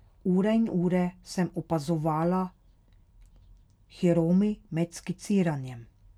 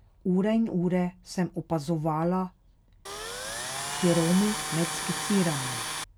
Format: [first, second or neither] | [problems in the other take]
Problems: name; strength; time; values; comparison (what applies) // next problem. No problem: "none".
first | background sound (Tools); 5 dB below the speech